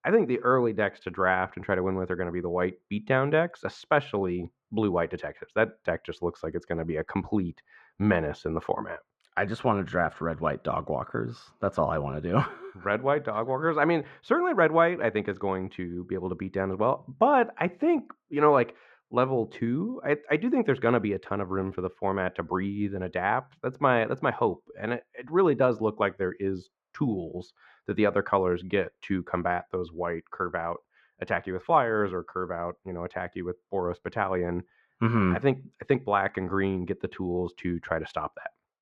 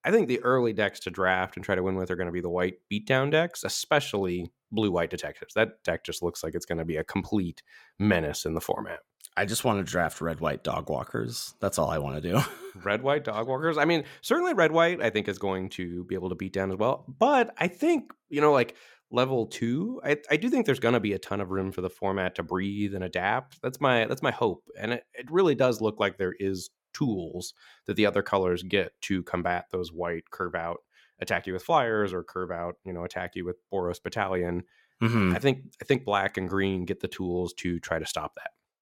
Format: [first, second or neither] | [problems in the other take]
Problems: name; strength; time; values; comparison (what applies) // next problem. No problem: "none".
second | muffled; very; fading above 2 kHz